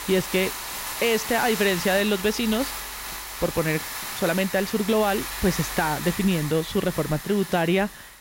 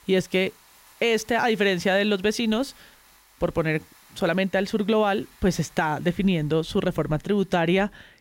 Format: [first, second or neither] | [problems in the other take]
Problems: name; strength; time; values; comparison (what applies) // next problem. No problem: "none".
second | hiss; loud; throughout; 7 dB below the speech; faint in the second